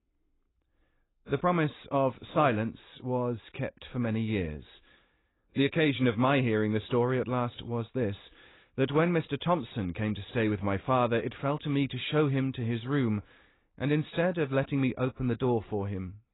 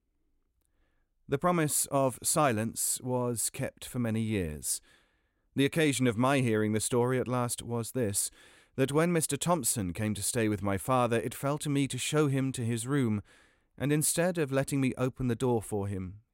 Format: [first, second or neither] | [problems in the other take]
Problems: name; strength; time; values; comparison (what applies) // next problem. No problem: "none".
second | garbled, watery; badly; nothing above 4 kHz